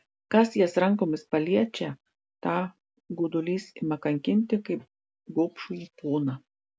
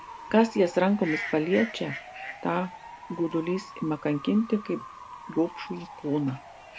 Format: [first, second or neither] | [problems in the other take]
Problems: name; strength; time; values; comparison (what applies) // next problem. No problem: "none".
first | background sound (Bird / Fowl); 13 dB below the speech